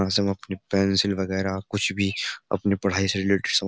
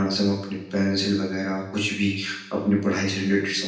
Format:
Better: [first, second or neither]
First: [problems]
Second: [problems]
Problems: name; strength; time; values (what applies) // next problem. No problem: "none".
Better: first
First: none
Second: room echo; dies away in 0.9 s